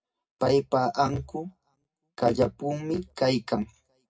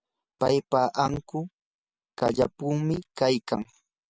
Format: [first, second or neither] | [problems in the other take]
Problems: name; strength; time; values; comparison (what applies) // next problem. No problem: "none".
second | room echo; dies away in 0.2 s